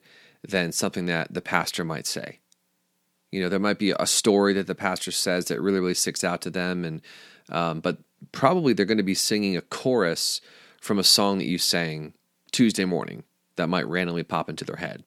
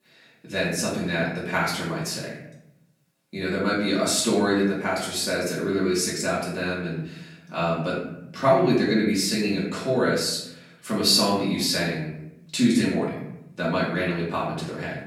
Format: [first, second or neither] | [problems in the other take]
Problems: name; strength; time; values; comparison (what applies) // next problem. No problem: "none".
first | off-mic speech; far // room echo; noticeable; dies away in 0.7 s